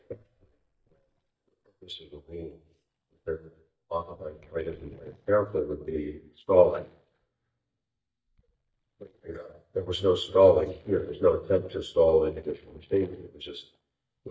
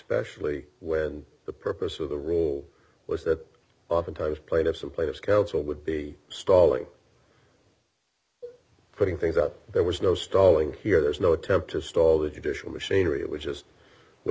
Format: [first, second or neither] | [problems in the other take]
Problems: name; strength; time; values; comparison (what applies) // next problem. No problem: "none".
second | noise reduction (neural mask model DeepFilterNet 3)